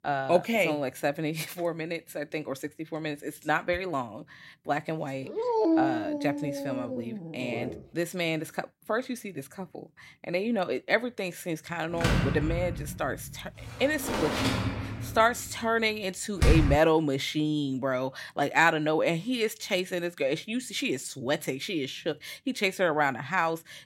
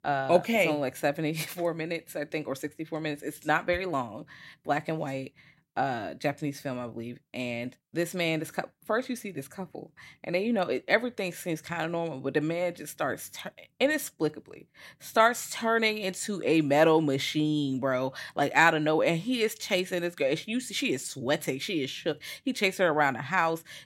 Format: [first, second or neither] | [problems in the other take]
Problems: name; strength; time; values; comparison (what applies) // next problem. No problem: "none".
second | dog barking; loud; from 5.5 to 8 s; peak 5 dB above the speech // door banging; loud; from 12 to 17 s; peak 5 dB above the speech